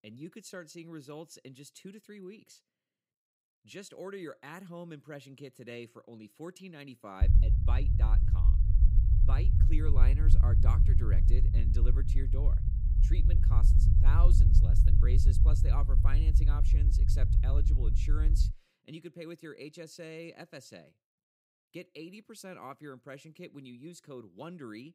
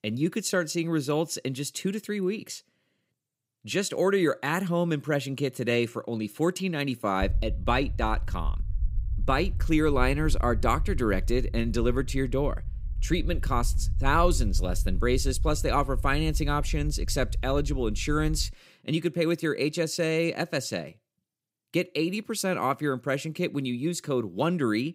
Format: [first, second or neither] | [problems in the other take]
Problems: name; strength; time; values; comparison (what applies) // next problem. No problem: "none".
second | low rumble; loud; from 7 to 19 s; as loud as the speech; faint in the second